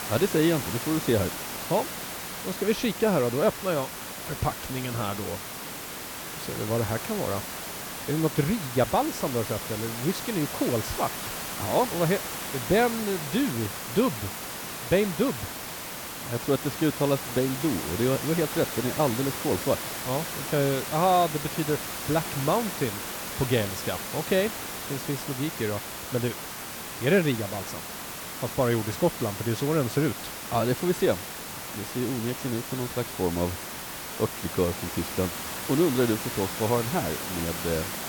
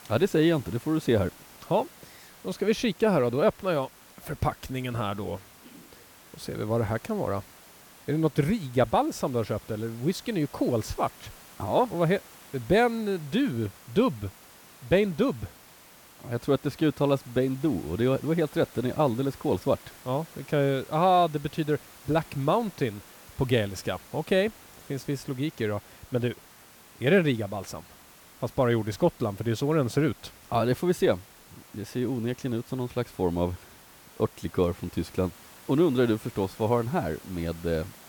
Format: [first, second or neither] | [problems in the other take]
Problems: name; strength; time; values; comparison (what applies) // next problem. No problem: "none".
second | hiss; loud; throughout; 5 dB below the speech; faint in the second